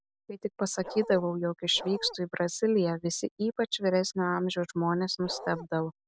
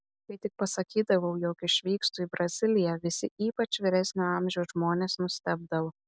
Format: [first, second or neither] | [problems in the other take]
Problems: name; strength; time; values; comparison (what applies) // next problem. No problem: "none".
second | background sound (Bark); 12 dB below the speech